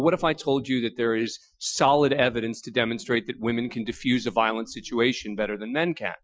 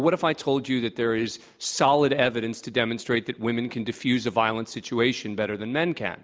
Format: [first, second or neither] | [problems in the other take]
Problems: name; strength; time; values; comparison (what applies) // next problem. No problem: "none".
second | noise reduction (classical method Wiener filter)